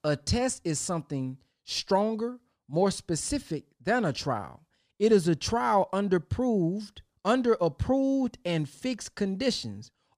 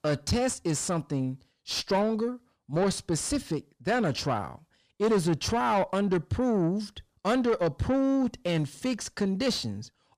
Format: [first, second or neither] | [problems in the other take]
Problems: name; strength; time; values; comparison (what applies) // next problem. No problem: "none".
first | distortion; slight; 10 dB below the speech